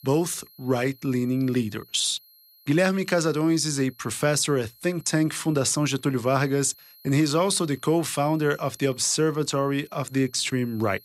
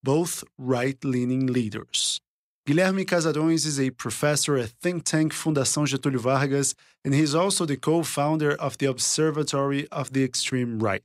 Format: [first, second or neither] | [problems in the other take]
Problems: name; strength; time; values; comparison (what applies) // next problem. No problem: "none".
second | high-pitched whine; faint; throughout; 4 kHz, 25 dB below the speech